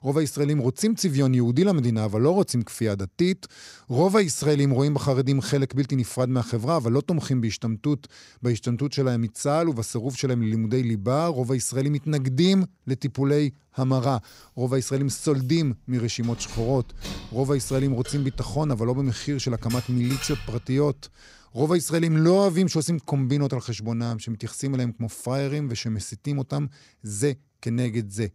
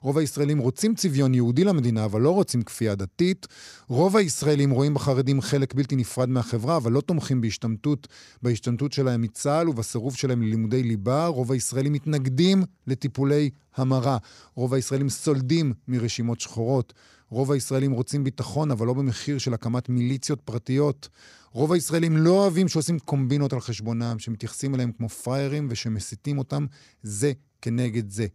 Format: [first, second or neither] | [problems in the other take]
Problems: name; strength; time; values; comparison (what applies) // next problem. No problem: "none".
second | jangling keys; noticeable; from 16 to 21 s; peak 9 dB below the speech